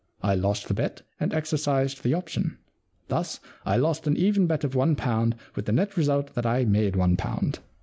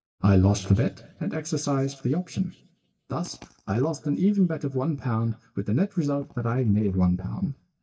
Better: first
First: none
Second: noise reduction (neural mask model DeepFilterNet 3)

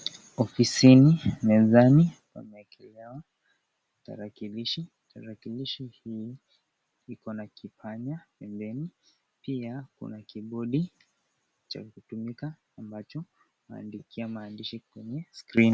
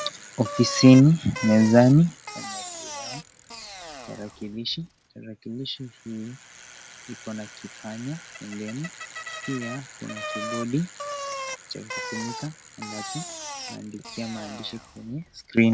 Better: first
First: none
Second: background sound (Bicycle); 13 dB below the speech

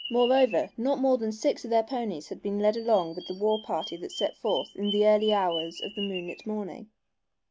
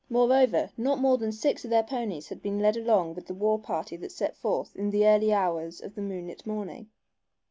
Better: second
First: background sound (Bird vocalization, bird call, bird song); 15 dB below the speech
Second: none

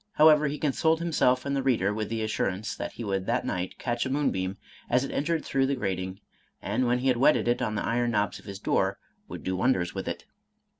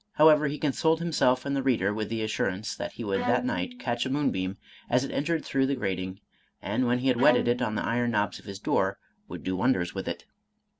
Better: first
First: none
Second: background sound (Bowed string instrument); 10 dB below the speech

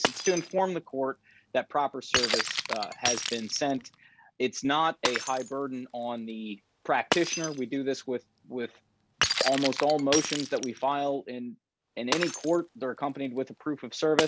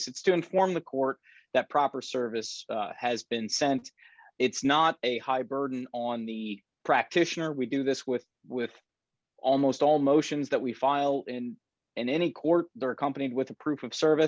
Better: second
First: background sound (Shatter); 5 dB below the speech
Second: none

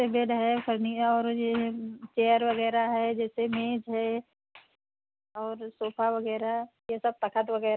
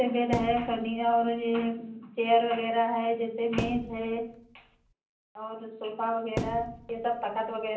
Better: first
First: none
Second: background sound (Thump, thud); 9 dB below the speech // room echo; dies away in 0.6 s

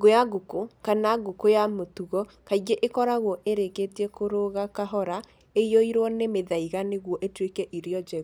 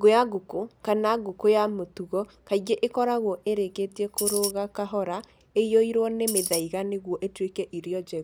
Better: first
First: none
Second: background sound (Tambourine); 2 dB below the speech

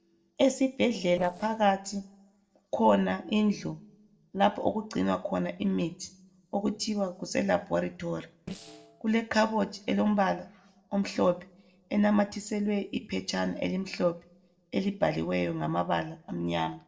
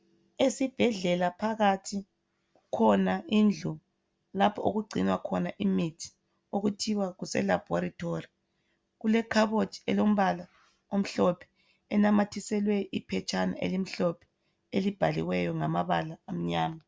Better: second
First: noise reduction (neural separator model SepFormer DNS4)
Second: none

